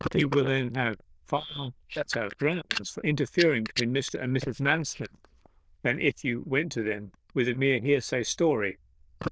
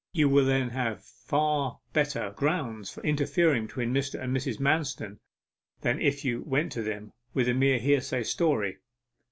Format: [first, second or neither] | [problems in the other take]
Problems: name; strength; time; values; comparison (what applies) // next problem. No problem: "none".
second | noise reduction (neural diffusion model UNIVERSE++)